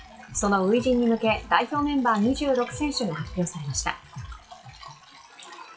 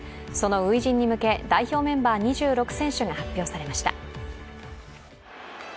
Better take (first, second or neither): second